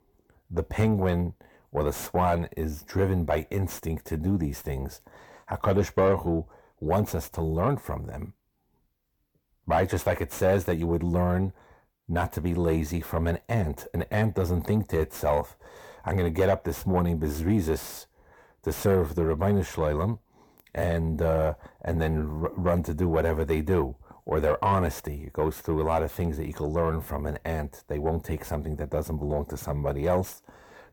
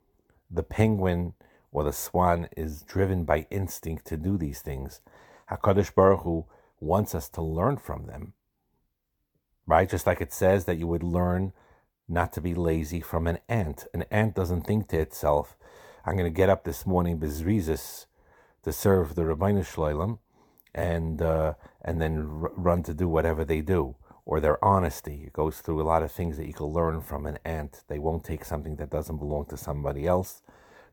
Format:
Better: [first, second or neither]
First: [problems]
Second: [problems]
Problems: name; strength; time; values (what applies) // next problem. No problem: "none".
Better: second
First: distortion; slight; 10 dB below the speech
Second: none